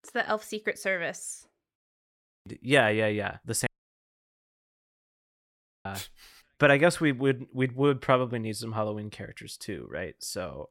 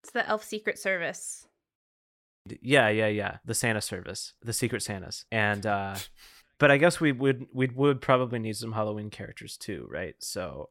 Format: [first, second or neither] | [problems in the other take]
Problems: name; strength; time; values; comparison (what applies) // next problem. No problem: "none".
second | audio cutting out; at 3.5 s for 2 s